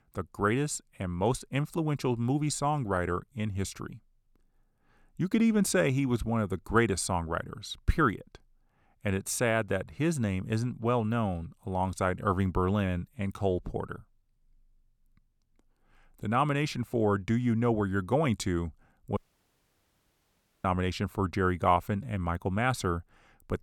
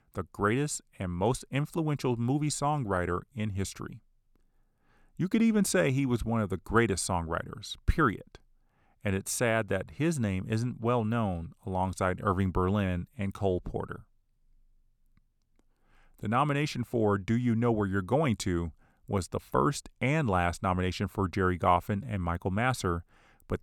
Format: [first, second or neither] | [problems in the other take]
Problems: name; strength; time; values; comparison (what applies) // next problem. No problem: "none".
second | audio cutting out; at 19 s for 1.5 s